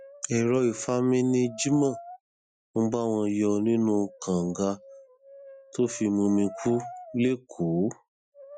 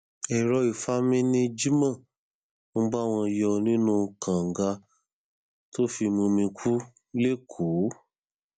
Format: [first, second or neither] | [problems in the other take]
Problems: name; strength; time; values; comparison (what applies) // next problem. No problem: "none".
second | noise reduction (classical method Wiener filter)